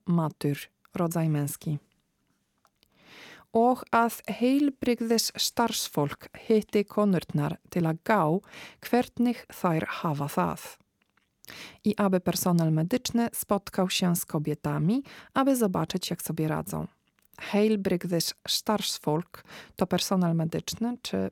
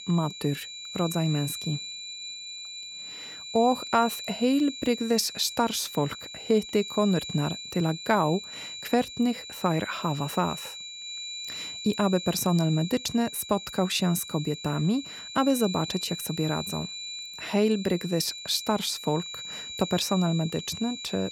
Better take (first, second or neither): first